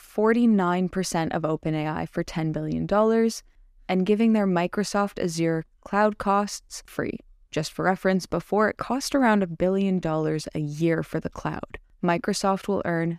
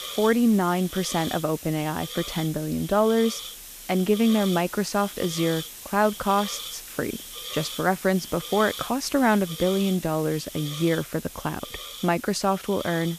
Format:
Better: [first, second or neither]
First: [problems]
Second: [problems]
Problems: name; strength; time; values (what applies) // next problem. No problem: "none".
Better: first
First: none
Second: hiss; noticeable; throughout; 10 dB below the speech